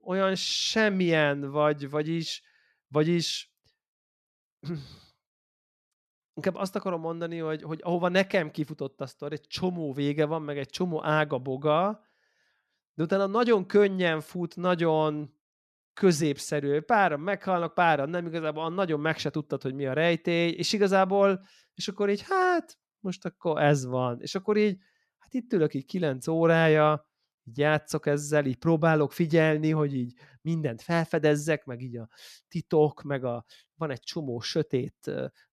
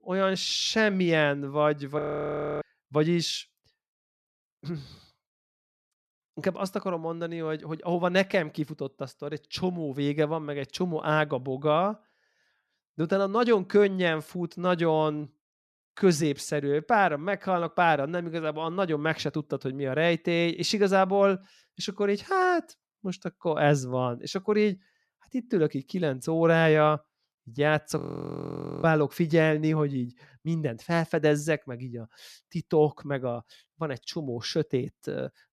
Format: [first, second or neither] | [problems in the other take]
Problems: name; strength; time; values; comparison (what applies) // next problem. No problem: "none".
first | audio freezing; at 2 s for 0.5 s and at 28 s for 1 s